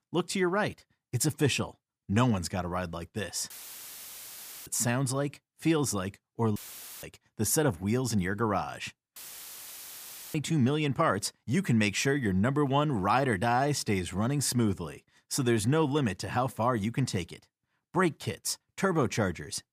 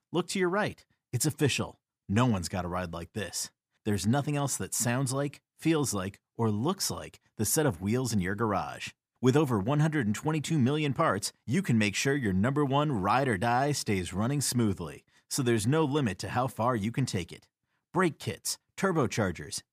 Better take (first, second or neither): second